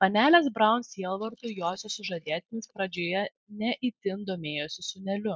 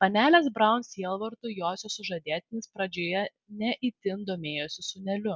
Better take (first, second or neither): second